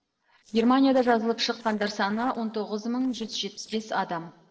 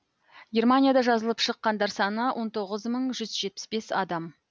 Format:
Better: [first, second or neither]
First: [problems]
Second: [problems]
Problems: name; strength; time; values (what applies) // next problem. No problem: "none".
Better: second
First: noise reduction (neural separator model SepFormer DNS4)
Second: none